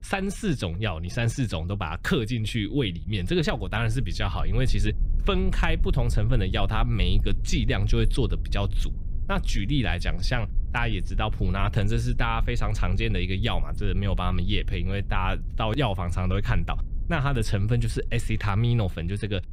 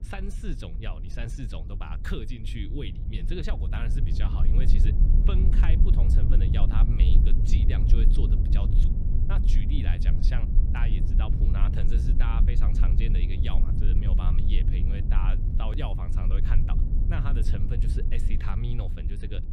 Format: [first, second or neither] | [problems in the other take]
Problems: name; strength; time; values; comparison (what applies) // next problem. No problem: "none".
first | low rumble; loud; throughout; 2 dB below the speech; faint in the first